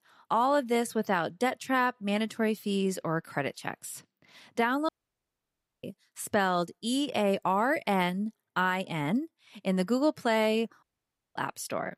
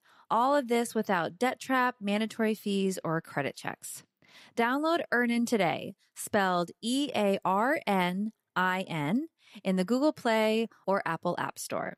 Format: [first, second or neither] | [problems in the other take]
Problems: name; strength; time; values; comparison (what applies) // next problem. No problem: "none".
second | audio cutting out; at 5 s for 1 s and at 11 s for 0.5 s